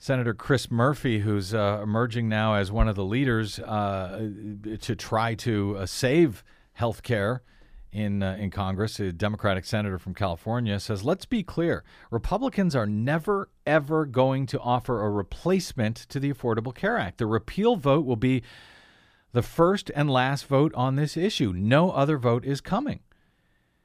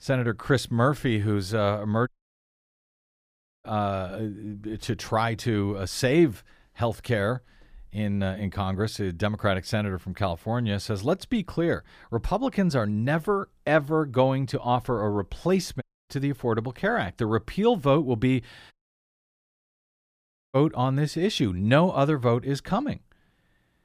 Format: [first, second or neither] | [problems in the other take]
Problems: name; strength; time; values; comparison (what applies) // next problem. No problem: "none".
first | audio cutting out; at 2 s for 1.5 s, at 16 s and at 19 s for 2 s